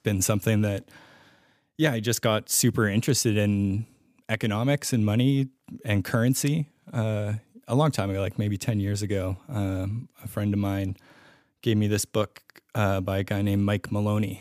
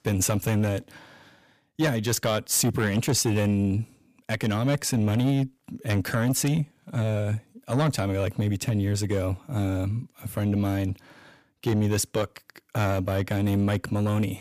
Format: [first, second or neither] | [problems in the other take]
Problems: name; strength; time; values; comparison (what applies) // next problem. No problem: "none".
first | distortion; slight; 10 dB below the speech